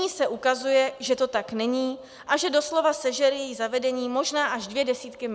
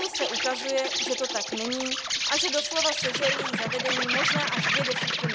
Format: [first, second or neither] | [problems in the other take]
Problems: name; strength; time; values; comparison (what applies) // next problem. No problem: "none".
first | background sound (Insect); 3 dB above the speech